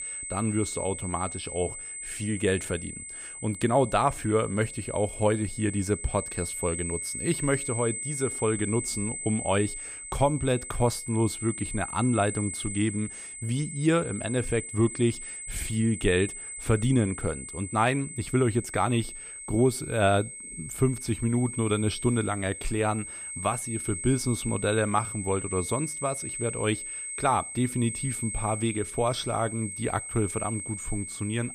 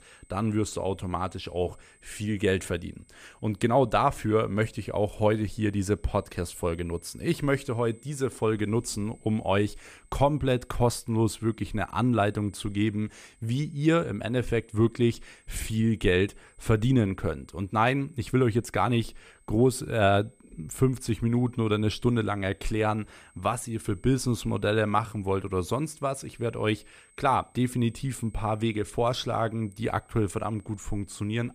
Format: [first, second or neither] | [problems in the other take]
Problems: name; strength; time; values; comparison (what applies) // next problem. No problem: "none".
second | high-pitched whine; loud; throughout; 8.5 kHz, 7 dB below the speech; faint in the second